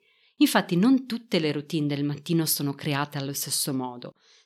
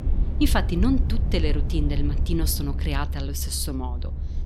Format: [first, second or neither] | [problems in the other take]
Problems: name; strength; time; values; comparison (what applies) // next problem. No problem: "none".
first | low rumble; noticeable; throughout; 10 dB below the speech